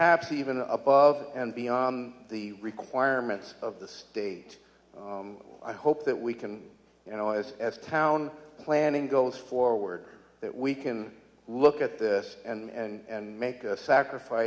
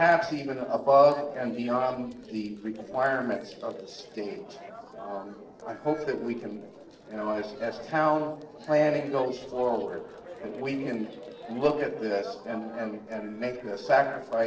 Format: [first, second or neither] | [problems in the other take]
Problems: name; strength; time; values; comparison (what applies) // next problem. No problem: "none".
first | noise reduction (neural separator model SepFormer DNS4)